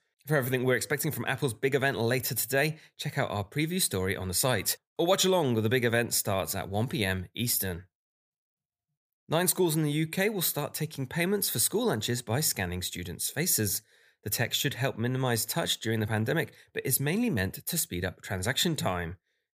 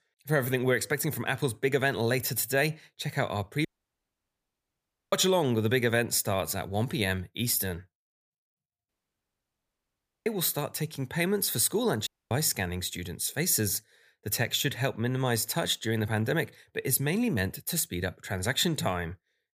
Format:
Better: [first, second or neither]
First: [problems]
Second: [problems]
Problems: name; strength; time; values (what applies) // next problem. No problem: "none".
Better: first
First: none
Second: audio cutting out; at 3.5 s for 1.5 s, at 9 s for 1.5 s and at 12 s